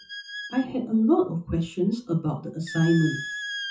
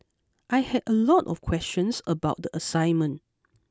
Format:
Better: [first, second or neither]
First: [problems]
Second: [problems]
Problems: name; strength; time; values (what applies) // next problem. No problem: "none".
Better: second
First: noise reduction (classical method WPE with log-MMSE)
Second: none